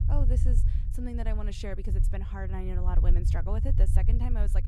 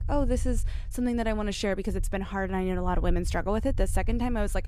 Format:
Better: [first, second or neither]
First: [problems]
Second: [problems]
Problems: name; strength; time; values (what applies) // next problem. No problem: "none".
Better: second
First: low rumble; loud; throughout; 6 dB below the speech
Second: low rumble; faint; throughout; 25 dB below the speech